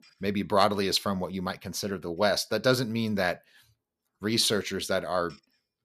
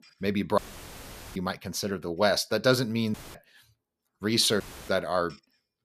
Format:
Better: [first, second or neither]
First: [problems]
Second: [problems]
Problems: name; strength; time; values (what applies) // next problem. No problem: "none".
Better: first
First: none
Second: audio cutting out; filled with static; at 0.5 s for 1 s, at 3 s and at 4.5 s